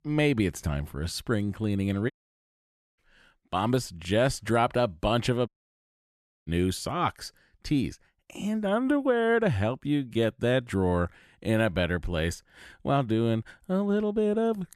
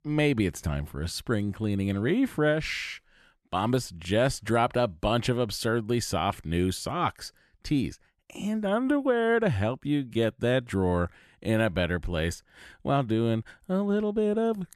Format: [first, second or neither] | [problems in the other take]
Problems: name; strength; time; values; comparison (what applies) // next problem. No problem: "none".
second | audio cutting out; at 2 s for 1 s and at 5.5 s for 1 s